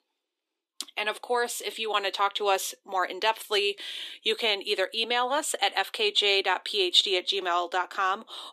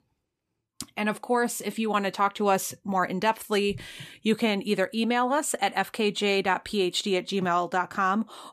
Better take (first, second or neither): second